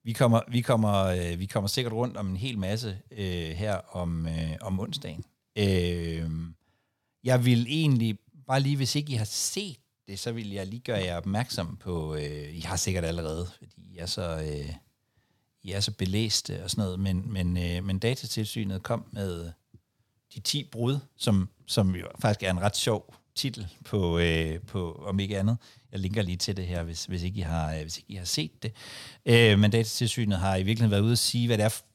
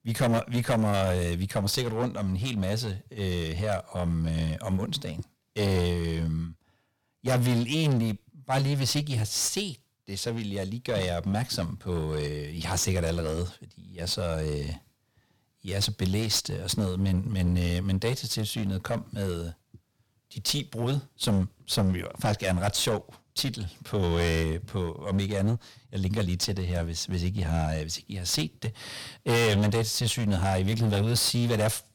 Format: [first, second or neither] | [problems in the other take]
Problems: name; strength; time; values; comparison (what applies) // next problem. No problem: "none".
first | distortion; heavy; 10% of the sound clipped